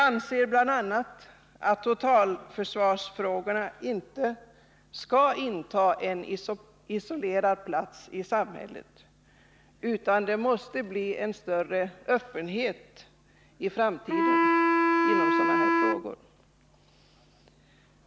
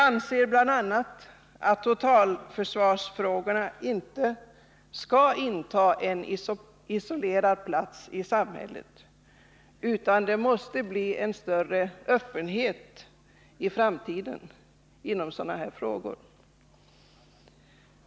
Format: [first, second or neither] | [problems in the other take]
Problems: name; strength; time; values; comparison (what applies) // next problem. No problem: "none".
second | background sound (Wind instrument, woodwind instrument); 4 dB above the speech